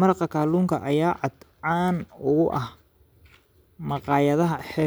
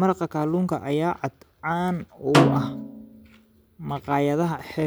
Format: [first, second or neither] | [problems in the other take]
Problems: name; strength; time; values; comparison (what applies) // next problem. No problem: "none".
first | background sound (Snare drum); 1 dB below the speech